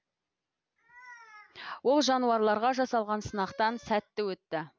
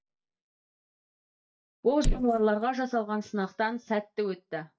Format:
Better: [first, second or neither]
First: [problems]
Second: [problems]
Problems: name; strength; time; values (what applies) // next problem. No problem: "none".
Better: first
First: none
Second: noise reduction (neural mask model DeepFilterNet 3)